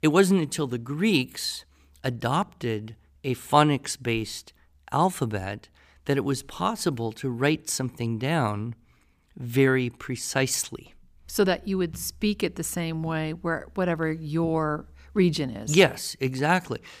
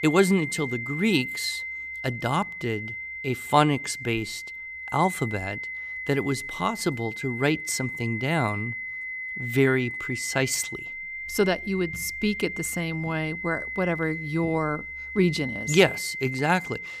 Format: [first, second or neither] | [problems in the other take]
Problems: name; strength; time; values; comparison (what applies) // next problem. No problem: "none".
first | high-pitched whine; loud; throughout; 2 kHz, 6 dB below the speech